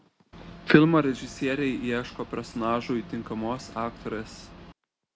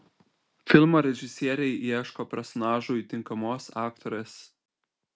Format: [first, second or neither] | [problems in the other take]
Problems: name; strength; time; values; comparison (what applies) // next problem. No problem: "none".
second | background sound (Boat, Water vehicle); 17 dB below the speech